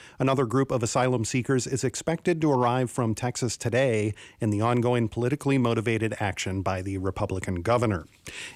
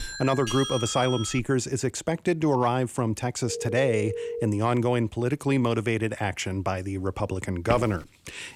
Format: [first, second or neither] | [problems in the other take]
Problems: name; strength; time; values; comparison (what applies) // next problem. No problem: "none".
first | doorbell; noticeable; until 1.5 s; peak 4 dB below the speech // phone ringing; noticeable; from 3.5 to 4.5 s; peak 6 dB below the speech // footsteps; noticeable; at 7.5 s; peak 7 dB below the speech